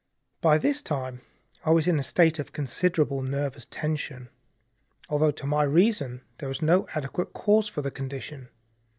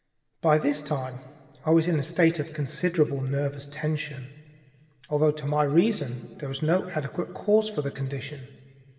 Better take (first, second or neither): first